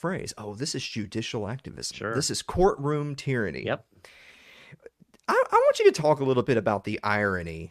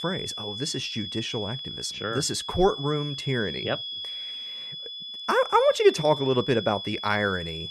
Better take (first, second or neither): first